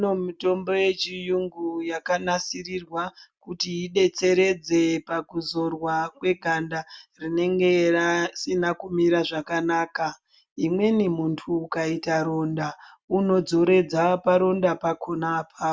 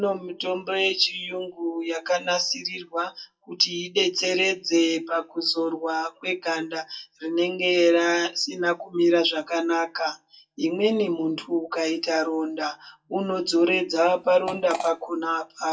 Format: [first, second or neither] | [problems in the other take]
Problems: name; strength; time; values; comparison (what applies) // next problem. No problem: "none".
first | noise reduction (classical method WPE with log-MMSE)